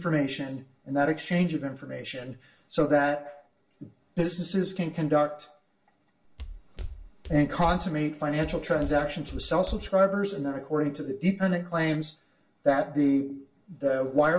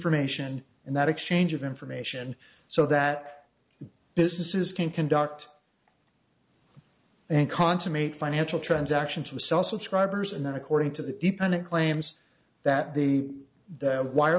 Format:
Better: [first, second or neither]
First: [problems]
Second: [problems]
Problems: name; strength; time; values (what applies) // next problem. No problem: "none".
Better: second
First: background sound (Walk, footsteps); 10 dB below the speech // room echo; dies away in 0.2 s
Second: none